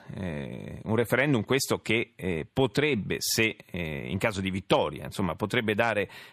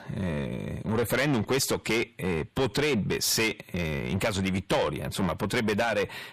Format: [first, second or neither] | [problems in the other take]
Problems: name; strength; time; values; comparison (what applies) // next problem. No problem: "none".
first | distortion; heavy; 6 dB below the speech